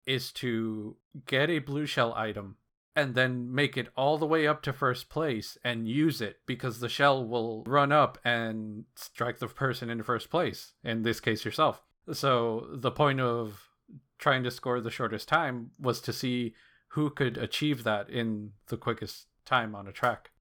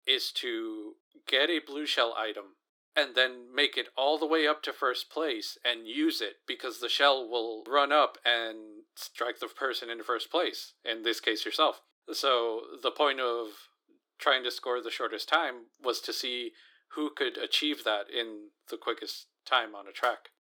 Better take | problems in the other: first | thin; somewhat; fading below 300 Hz

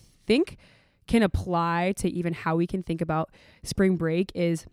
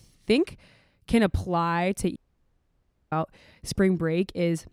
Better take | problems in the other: first | audio cutting out; at 2 s for 1 s

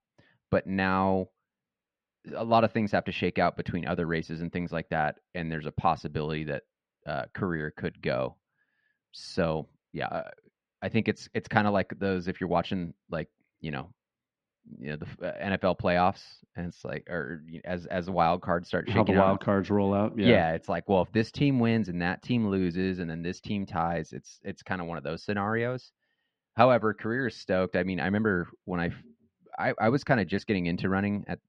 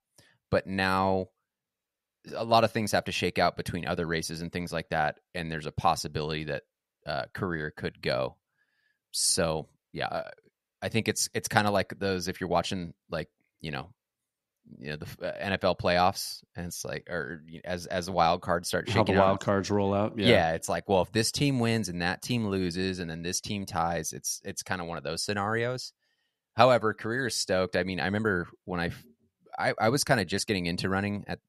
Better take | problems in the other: second | muffled; slightly; fading above 3 kHz

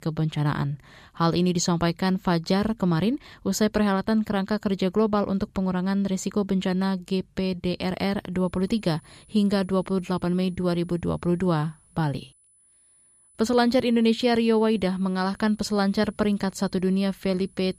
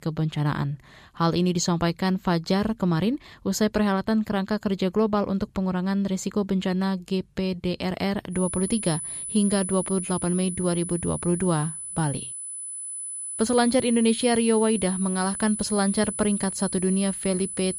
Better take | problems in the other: first | high-pitched whine; loud; from 8.5 s on; 10 kHz, 6 dB below the speech; faint in the first

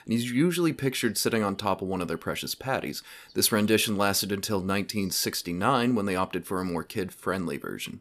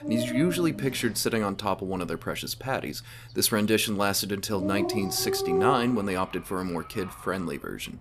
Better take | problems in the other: first | animal sounds; loud; throughout; 4 dB below the speech

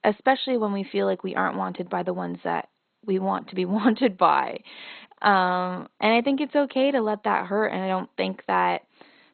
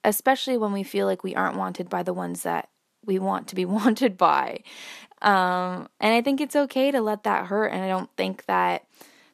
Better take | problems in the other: second | garbled, watery; badly; nothing above 4 kHz

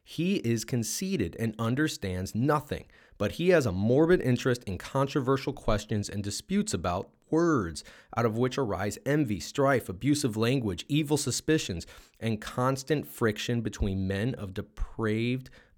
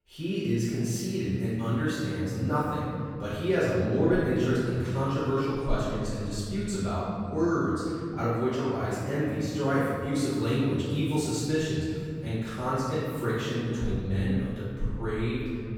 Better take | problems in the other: first | off-mic speech; far // room echo; strong; dies away in 2.5 s

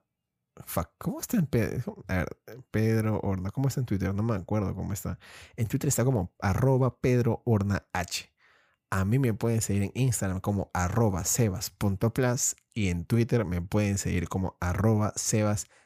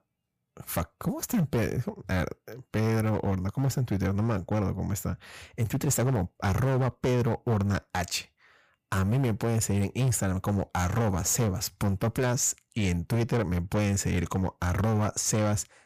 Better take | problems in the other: first | distortion; slight; 12% of the sound clipped

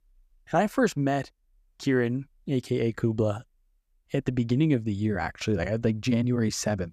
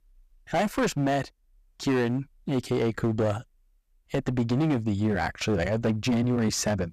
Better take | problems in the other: first | distortion; heavy; 13% of the sound clipped

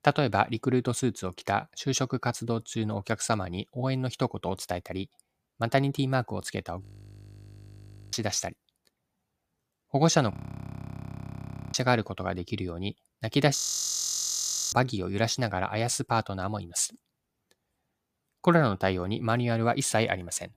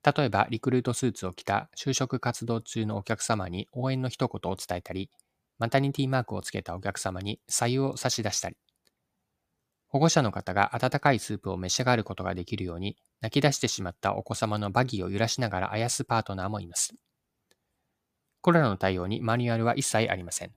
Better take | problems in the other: second | audio freezing; at 7 s for 1.5 s, at 10 s for 1.5 s and at 14 s for 1 s

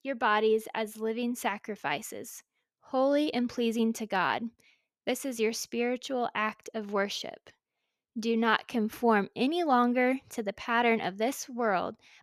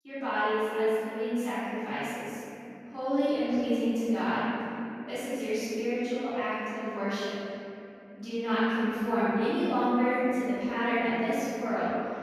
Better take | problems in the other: first | off-mic speech; far // room echo; strong; dies away in 3 s

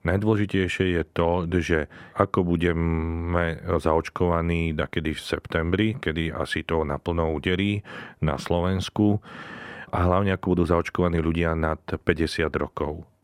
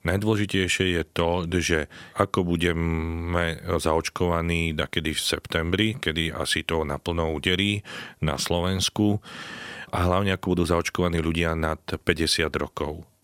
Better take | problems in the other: second | muffled; slightly; fading above 2.5 kHz

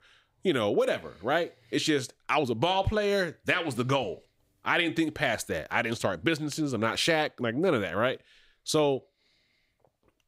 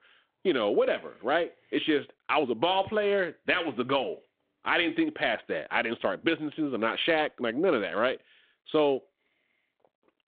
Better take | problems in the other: first | phone-call audio

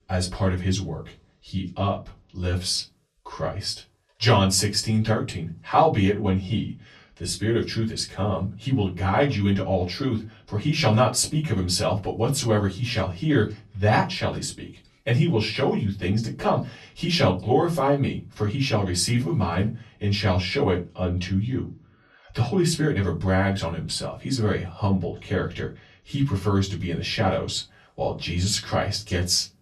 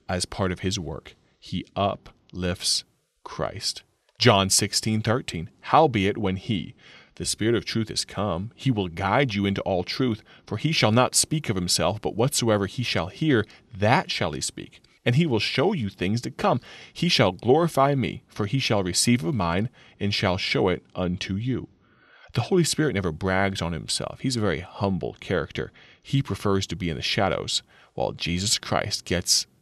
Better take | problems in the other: second | off-mic speech; far // room echo; very slight; dies away in 0.2 s

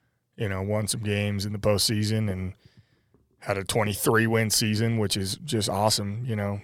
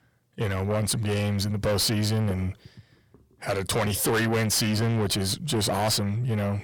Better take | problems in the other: first | distortion; heavy; 7 dB below the speech

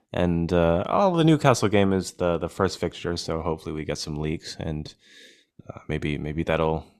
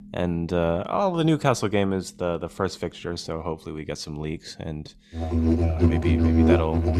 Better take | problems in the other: first | background music; very loud; throughout; 5 dB above the speech

